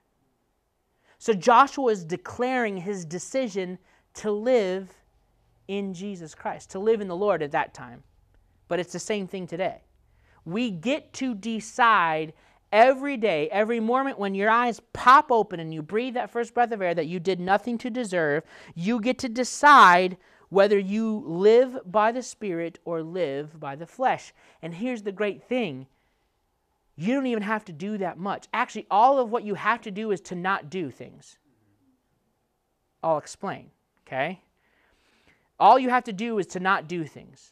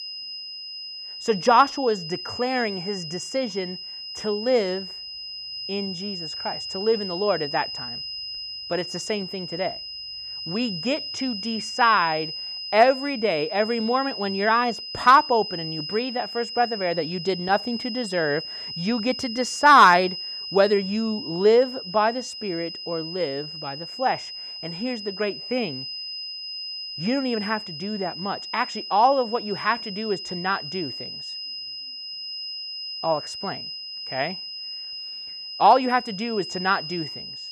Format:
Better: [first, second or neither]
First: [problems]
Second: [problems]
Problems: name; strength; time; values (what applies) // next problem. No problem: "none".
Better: first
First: none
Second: high-pitched whine; loud; throughout; 5 kHz, 8 dB below the speech